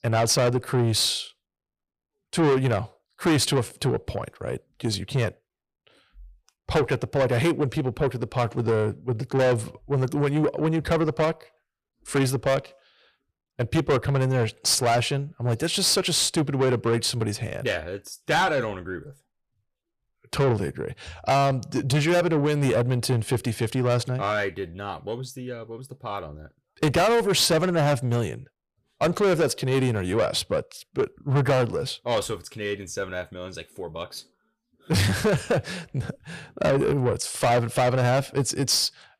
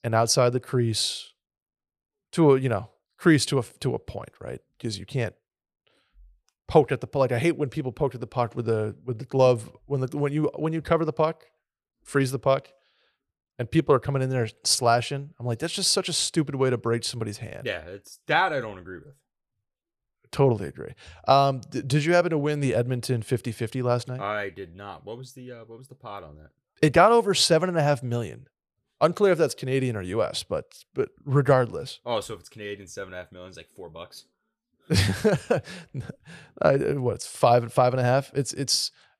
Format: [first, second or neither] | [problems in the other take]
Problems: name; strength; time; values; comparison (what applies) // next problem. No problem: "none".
second | distortion; heavy; 7 dB below the speech